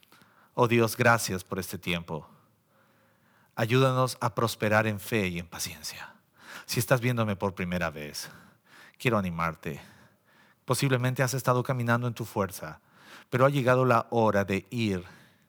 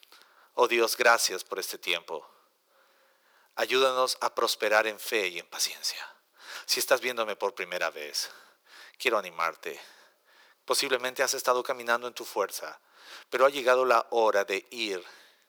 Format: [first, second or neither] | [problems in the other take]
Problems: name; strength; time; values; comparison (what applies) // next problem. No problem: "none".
first | thin; very; fading below 400 Hz